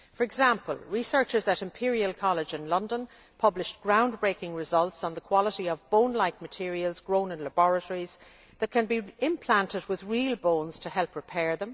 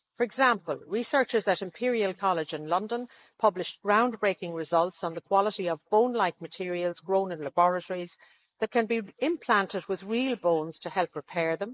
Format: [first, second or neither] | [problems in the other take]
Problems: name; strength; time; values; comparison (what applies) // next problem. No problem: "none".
first | noise reduction (neural mask model Resemble Enhance denoiser)